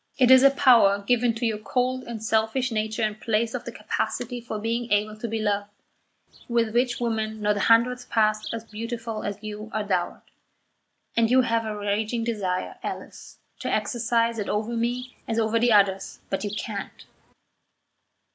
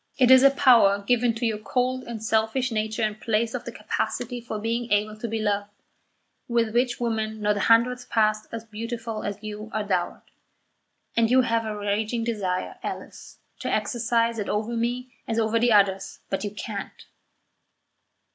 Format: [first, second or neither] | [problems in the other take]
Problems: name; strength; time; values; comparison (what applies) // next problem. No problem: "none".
second | background sound (Insect); 19 dB below the speech